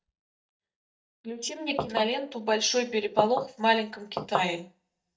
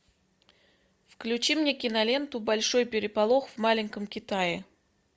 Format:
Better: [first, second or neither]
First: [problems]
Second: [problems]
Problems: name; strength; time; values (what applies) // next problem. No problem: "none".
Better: second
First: noise reduction (neural mask model DeepFilterNet 3)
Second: none